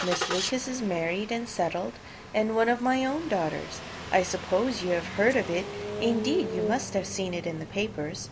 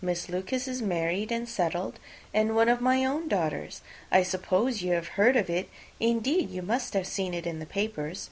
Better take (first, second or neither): second